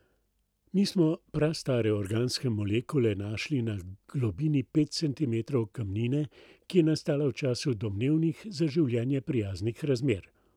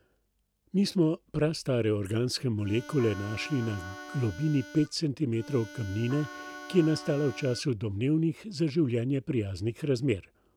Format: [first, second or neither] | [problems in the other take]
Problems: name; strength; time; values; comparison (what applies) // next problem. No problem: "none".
first | background sound (Trumpet + Harmonica); 15 dB below the speech